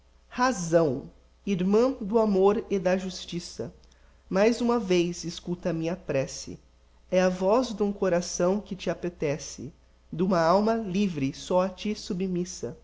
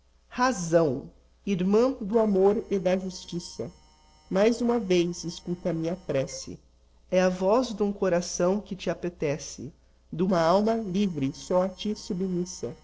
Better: first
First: none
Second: noise reduction (neural separator model SepFormer DNS4)

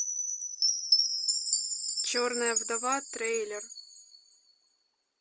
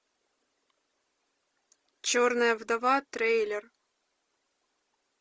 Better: second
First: background sound (Chime); 4 dB above the speech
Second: none

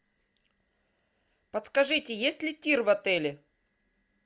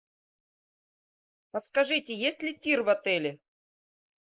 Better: first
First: none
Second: noise reduction (neural mask model Resemble Enhance denoiser)

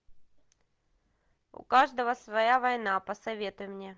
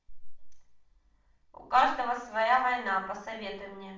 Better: first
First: none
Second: room echo; dies away in 0.5 s

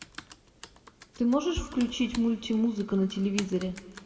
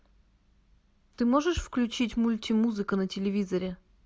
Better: second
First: background sound (Computer keyboard); 17 dB below the speech // room echo; dies away in 1.7 s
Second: none

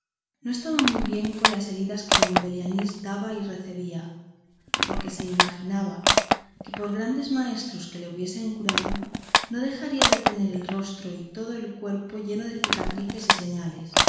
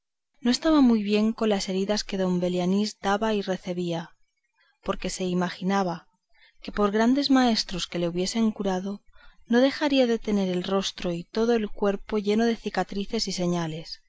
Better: second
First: background sound (Crushing); 3 dB above the speech // room echo; dies away in 1.1 s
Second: none

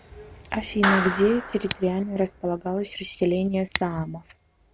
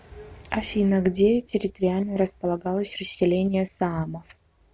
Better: second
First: background sound (Clapping + Scissors); 7 dB below the speech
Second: none

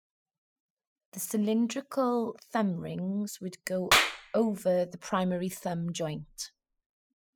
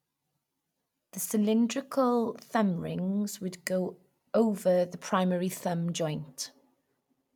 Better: second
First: noise reduction (classical method spectral subtraction)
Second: none

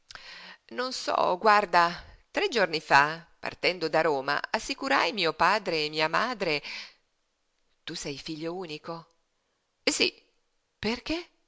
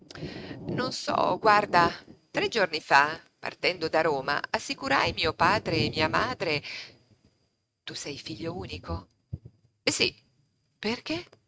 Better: first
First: none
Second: noise reduction (neural mask model RNNoise)

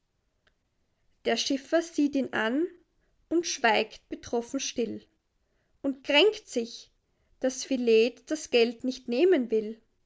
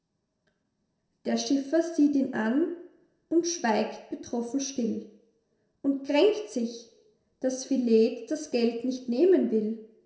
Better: first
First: none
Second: room echo; dies away in 0.7 s

